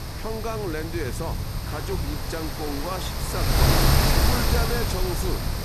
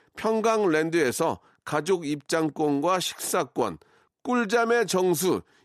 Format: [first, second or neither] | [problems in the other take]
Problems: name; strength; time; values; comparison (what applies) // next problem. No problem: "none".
second | wind noise on the microphone; heavy; 4 dB above the speech